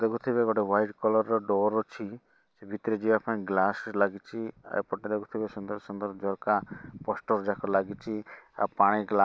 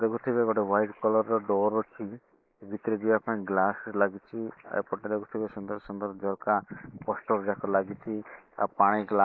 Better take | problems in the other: first | noise reduction (neural mask model Resemble Enhance denoiser)

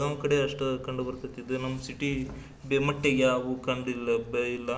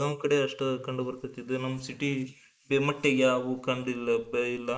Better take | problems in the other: first | noise reduction (neural mask model Resemble Enhance denoiser)

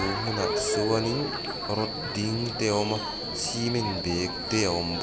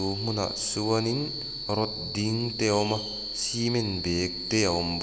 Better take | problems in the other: second | background sound (Crowd); 5 dB below the speech

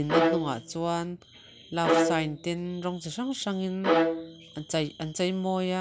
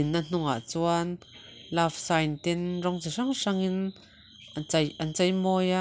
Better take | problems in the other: second | background sound (Bowed string instrument); 1 dB above the speech

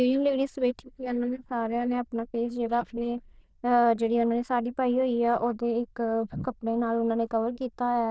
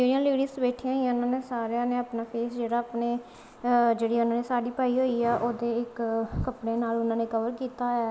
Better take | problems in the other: second | noise reduction (neural diffusion model UNIVERSE++)

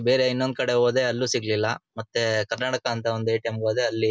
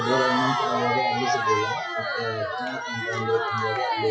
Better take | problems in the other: first | noise reduction (classical method WPE with log-MMSE)

